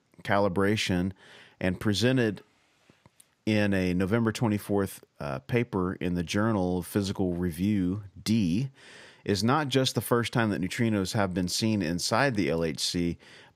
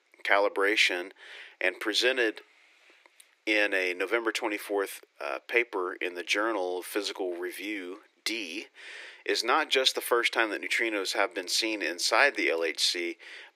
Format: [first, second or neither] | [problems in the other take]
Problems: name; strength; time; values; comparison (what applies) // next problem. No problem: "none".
first | thin; very; fading below 350 Hz